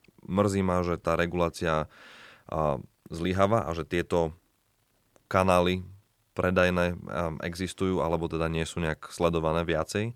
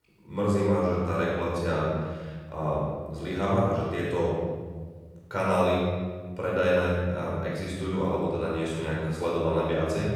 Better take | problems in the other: first | off-mic speech; far // room echo; strong; dies away in 1.8 s

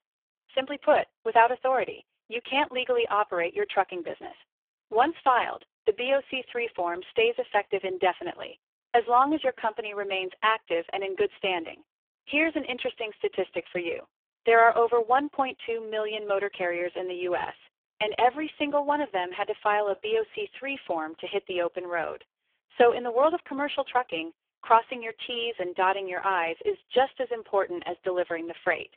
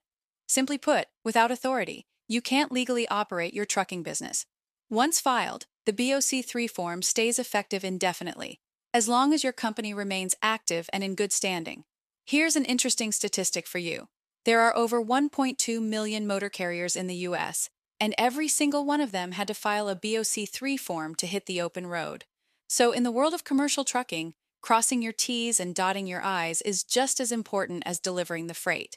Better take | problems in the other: second | phone-call audio; poor line

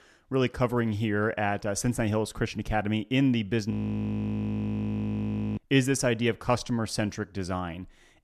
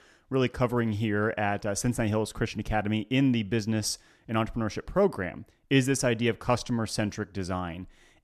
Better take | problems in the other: second | audio freezing; at 3.5 s for 2 s

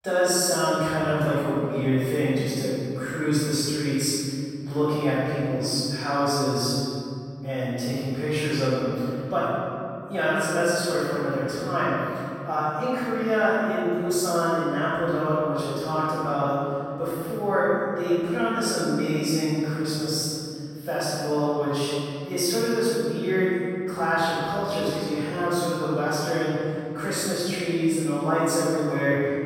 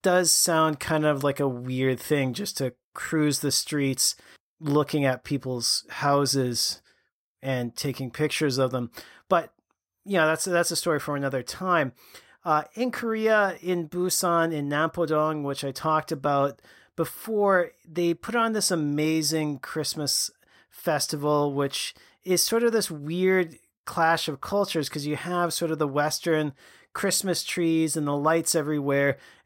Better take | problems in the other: second | room echo; strong; dies away in 2.9 s // off-mic speech; far

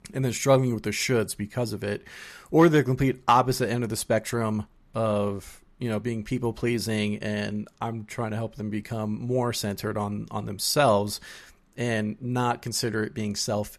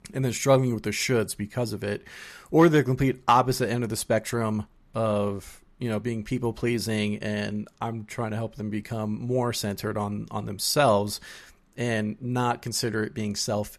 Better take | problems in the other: neither | none

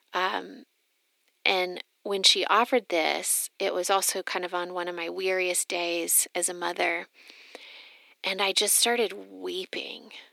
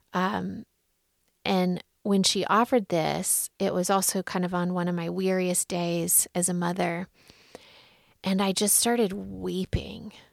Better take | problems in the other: second | thin; very; fading below 300 Hz

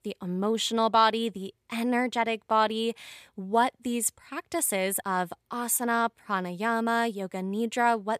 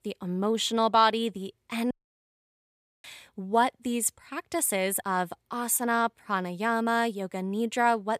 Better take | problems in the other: first | audio cutting out; at 2 s for 1 s

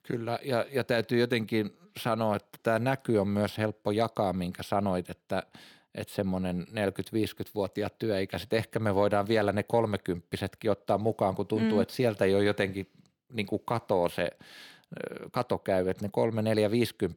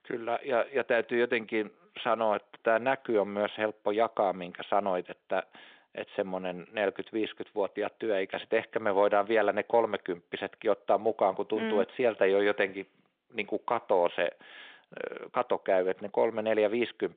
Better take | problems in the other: first | phone-call audio; nothing above 3.5 kHz

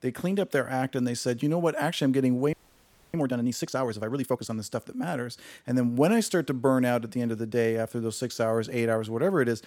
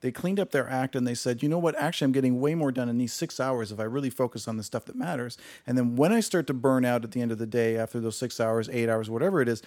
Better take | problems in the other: second | audio freezing; at 2.5 s for 0.5 s

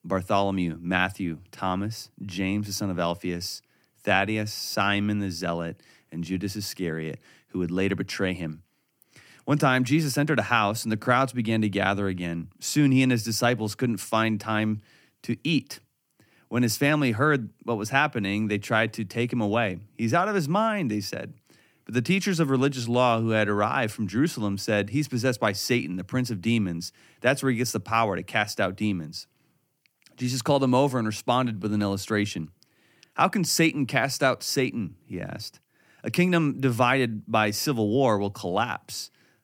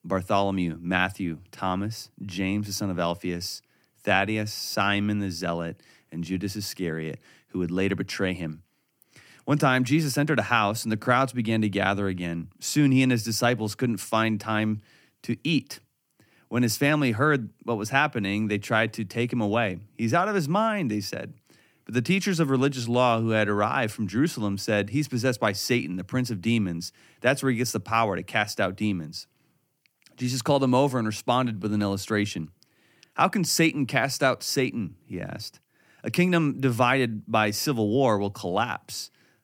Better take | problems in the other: neither | none

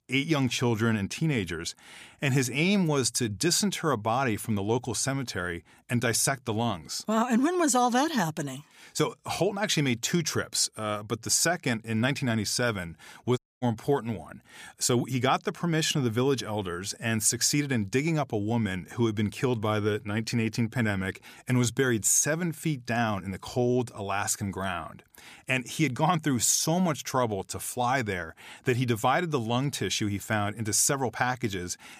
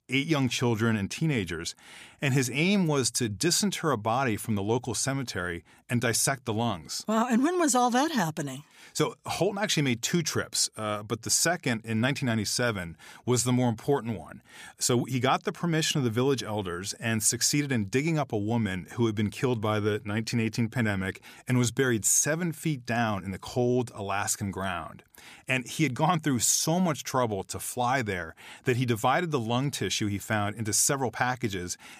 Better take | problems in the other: second | audio cutting out; at 13 s

